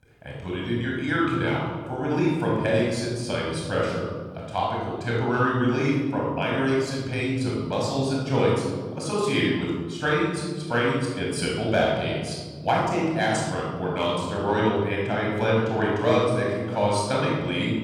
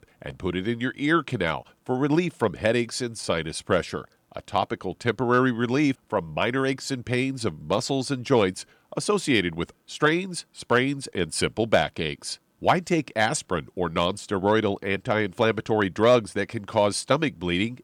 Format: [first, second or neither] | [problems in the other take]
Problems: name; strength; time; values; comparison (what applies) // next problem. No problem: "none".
second | room echo; strong; dies away in 1.8 s // off-mic speech; far